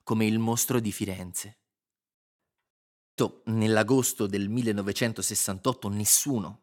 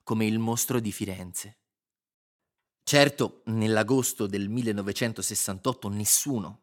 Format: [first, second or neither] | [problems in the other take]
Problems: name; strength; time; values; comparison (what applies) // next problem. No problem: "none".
second | audio cutting out; at 2.5 s